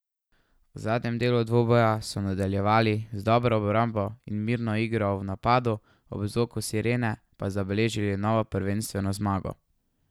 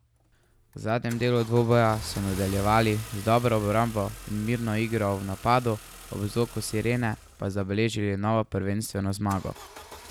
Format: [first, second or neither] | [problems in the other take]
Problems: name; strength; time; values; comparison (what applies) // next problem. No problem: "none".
first | background sound (Engine starting / Car); 17 dB below the speech